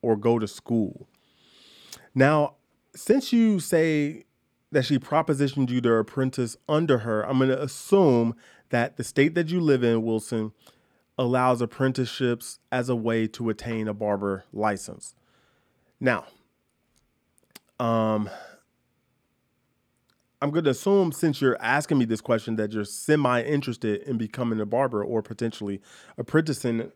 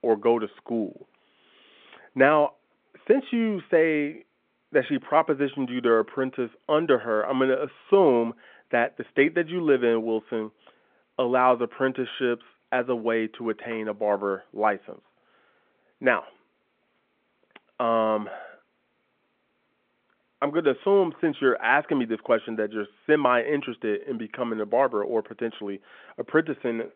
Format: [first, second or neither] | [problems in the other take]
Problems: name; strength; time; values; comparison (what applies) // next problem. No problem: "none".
first | phone-call audio; nothing above 3.5 kHz